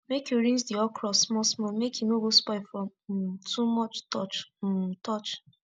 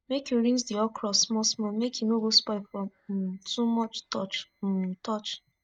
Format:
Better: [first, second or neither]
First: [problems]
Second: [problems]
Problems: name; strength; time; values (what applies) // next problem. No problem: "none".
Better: first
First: none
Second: noise reduction (neural mask model DeepFilterNet 3)